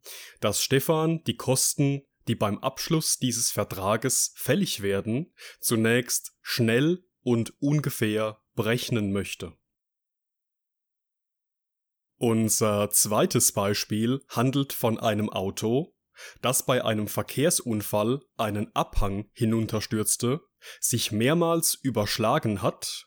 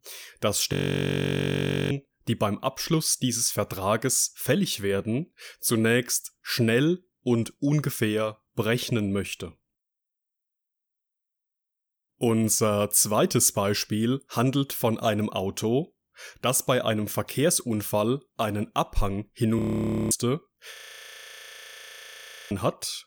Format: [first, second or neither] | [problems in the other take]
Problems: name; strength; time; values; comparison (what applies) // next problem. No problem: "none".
first | audio freezing; at 0.5 s for 1 s, at 20 s for 0.5 s and at 21 s for 2 s